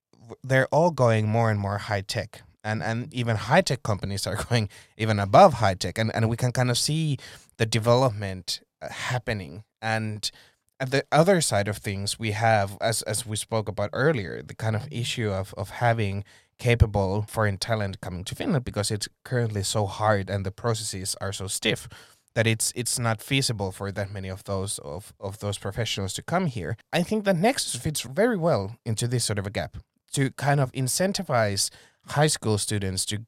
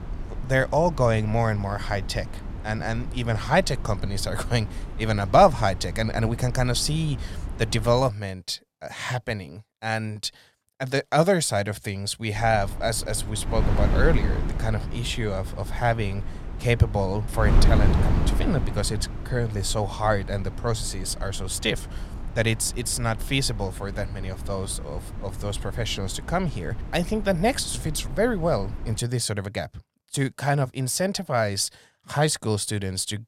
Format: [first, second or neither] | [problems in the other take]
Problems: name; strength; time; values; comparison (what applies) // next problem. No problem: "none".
first | wind noise on the microphone; occasional gusts; until 8 s and from 12 to 29 s; 15 dB below the speech